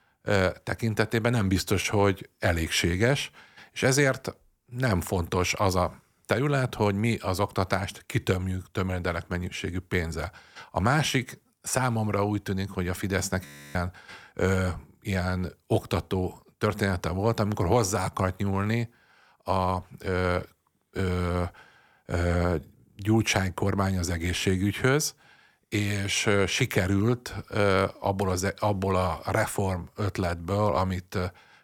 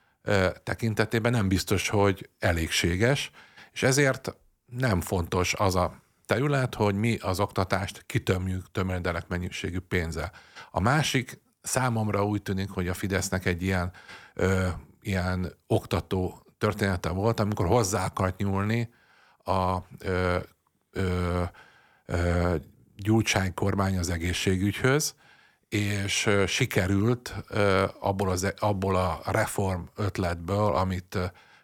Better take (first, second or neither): second